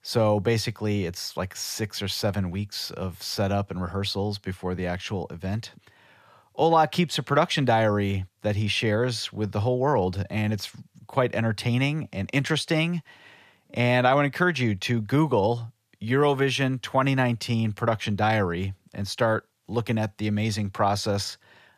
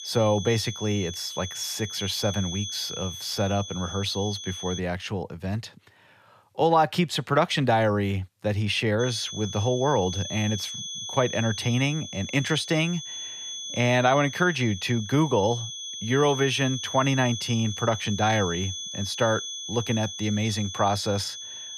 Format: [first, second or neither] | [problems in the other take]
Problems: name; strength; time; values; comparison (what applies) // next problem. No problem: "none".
first | high-pitched whine; loud; until 5 s and from 9 s on; 3.5 kHz, 8 dB below the speech